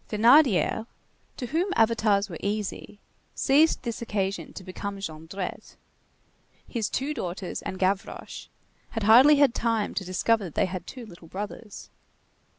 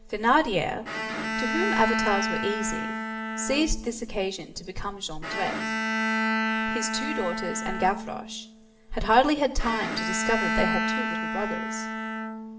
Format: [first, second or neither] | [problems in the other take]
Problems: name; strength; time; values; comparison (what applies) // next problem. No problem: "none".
first | background sound (Bowed string instrument); 1 dB below the speech // room echo; dies away in 0.6 s